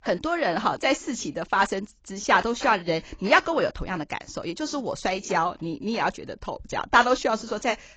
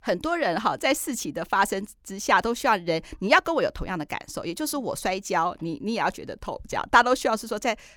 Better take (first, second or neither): second